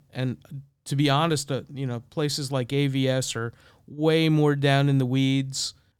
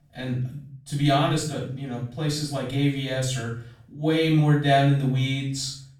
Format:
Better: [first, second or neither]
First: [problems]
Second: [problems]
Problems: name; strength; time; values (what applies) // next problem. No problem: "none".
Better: first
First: none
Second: off-mic speech; far // room echo; noticeable; dies away in 0.5 s